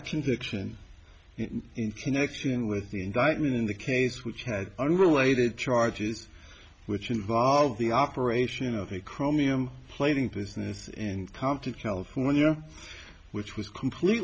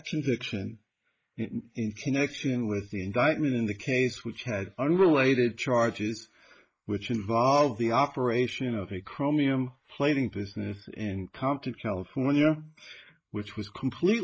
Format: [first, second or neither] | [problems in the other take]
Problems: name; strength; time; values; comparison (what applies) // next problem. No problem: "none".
first | noise reduction (neural mask model Resemble Enhance denoiser)